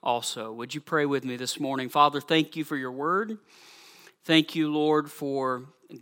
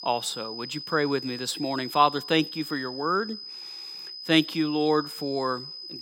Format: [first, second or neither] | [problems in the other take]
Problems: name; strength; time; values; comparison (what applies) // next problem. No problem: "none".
first | high-pitched whine; loud; throughout; 5 kHz, 10 dB below the speech